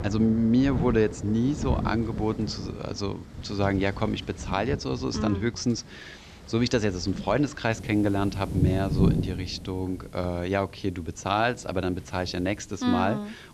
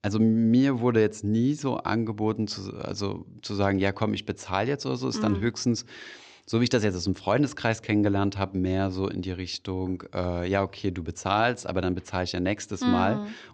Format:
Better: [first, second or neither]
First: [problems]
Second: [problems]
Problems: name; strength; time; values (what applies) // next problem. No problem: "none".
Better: second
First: rain or running water; loud; throughout; 6 dB below the speech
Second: none